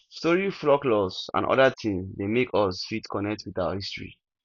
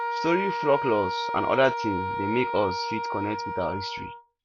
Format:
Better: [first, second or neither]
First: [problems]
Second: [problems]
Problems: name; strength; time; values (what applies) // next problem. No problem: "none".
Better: first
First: none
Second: background sound (Wind instrument, woodwind instrument); 3 dB below the speech